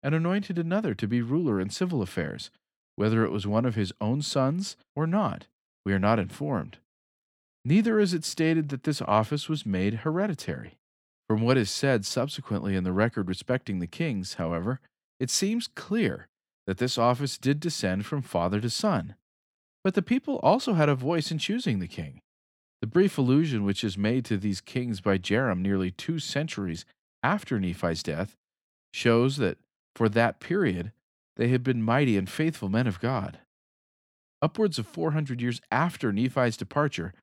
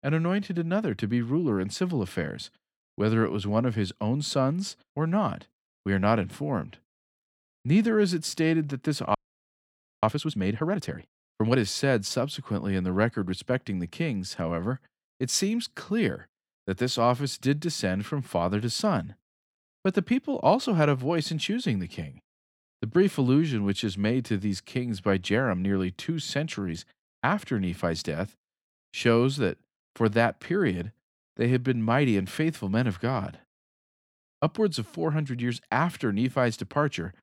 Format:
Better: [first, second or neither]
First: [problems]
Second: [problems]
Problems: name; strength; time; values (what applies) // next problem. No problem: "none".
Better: first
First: none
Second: audio freezing; at 9 s for 1 s